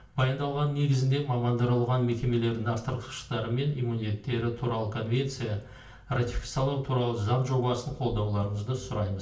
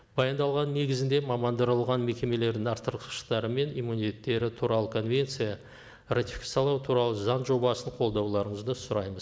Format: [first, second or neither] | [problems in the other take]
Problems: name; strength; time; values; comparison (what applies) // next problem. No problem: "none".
second | room echo; dies away in 0.3 s